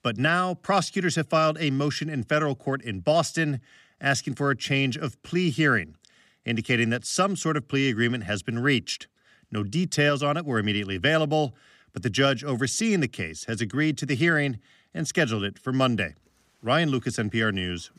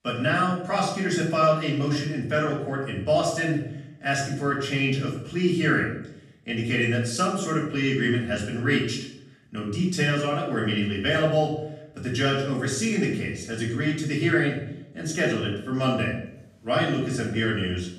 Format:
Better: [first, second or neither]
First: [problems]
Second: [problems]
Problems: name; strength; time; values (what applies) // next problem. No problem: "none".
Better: first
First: none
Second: off-mic speech; far // room echo; noticeable; dies away in 0.6 s